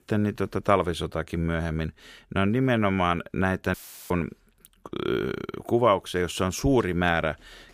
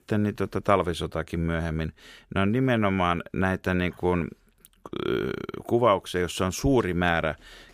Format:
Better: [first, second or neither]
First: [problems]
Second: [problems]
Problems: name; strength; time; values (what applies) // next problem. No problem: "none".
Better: second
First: audio cutting out; filled with static; at 3.5 s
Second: none